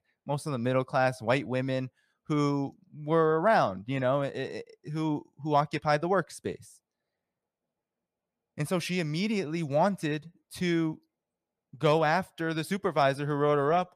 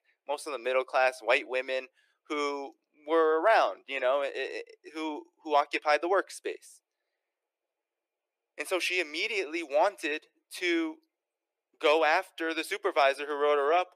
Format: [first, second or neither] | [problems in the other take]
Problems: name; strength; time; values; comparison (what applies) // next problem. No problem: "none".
first | thin; very; fading below 350 Hz